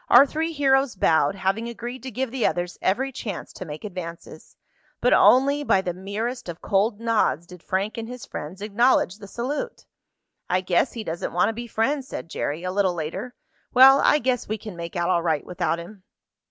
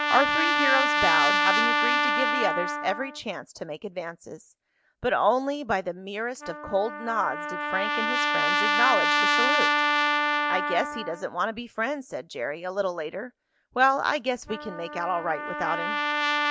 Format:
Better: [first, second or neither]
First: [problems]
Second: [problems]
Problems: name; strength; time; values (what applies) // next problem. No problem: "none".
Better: first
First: none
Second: background sound (Trumpet); 2 dB above the speech